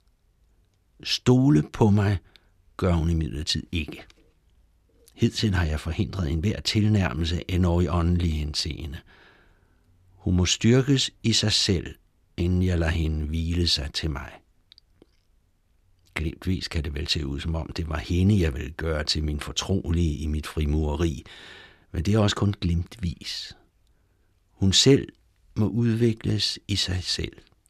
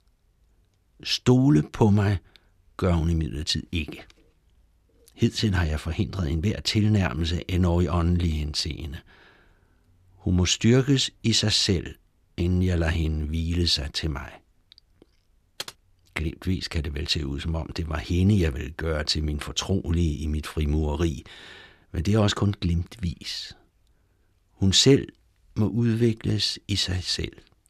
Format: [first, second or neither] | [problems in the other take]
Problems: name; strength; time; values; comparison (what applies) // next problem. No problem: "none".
first | keyboard typing; faint; at 16 s; peak 15 dB below the speech